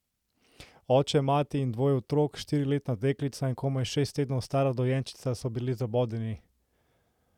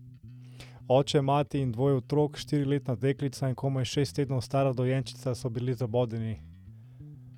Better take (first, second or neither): first